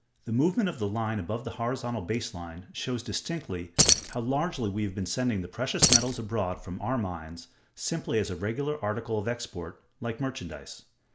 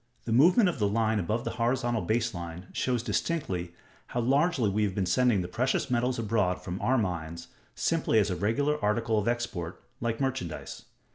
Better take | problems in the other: second | background sound (Keys jangling); 3 dB above the speech

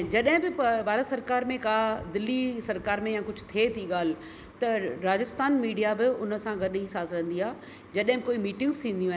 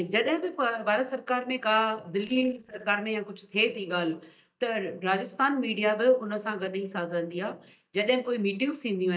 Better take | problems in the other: first | noise reduction (neural mask model DeepFilterNet 3)

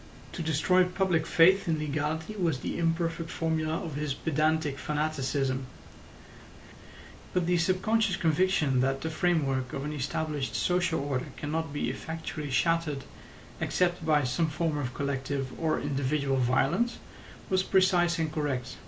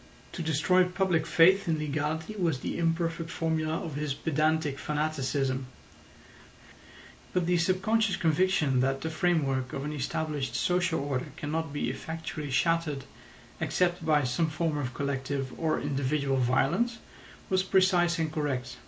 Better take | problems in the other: second | background sound (Water); 19 dB below the speech

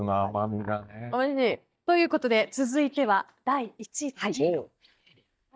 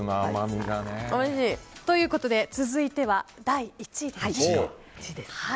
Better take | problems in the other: second | noise reduction (neural mask model DeepFilterNet 3)

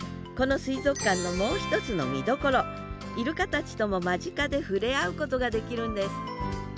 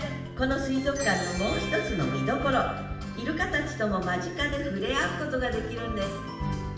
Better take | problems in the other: first | room echo; dies away in 0.8 s

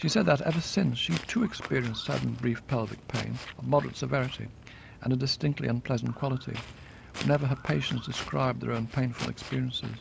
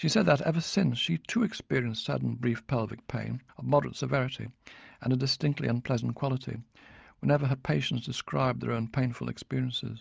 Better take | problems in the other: second | background sound (Walk, footsteps); 14 dB below the speech

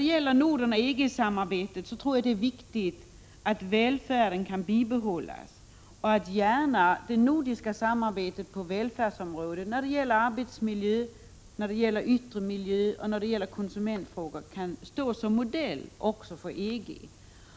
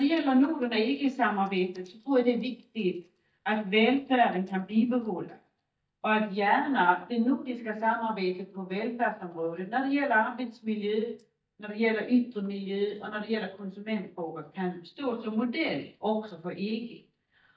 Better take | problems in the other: first | noise reduction (neural mask model DeepFilterNet 3)

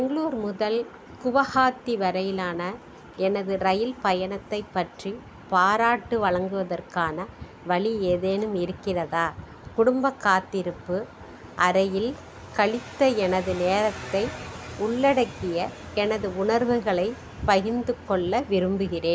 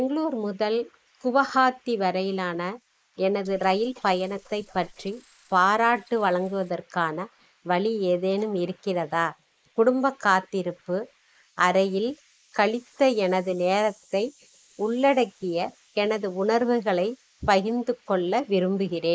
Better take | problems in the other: first | noise reduction (neural mask model Resemble Enhance denoiser)

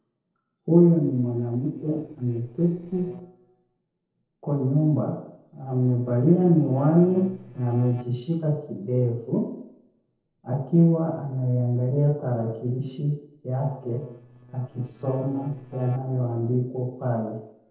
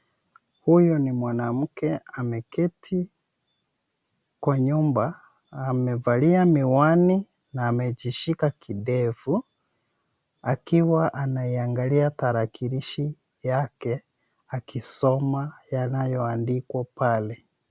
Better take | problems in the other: second | noise reduction (neural separator model SepFormer DNS4)

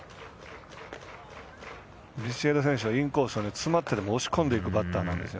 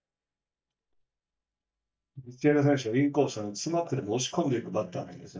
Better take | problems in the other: first | noise reduction (neural mask model DeepFilterNet 3)

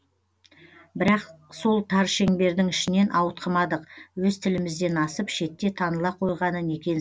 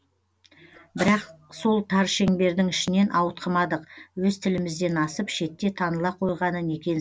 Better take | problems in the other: first | background sound (Sneeze / Cough); 16 dB below the speech

